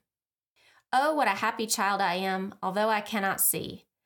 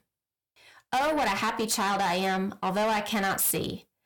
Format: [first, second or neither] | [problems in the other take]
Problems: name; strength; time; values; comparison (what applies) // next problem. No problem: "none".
first | distortion; heavy; 7 dB below the speech